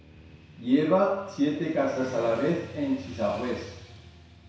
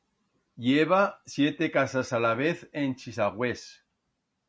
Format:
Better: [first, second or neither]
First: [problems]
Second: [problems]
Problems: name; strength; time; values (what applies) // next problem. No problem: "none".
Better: second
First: background sound (Motorcycle / Traffic noise, roadway noise); 17 dB below the speech // room echo; dies away in 0.7 s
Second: none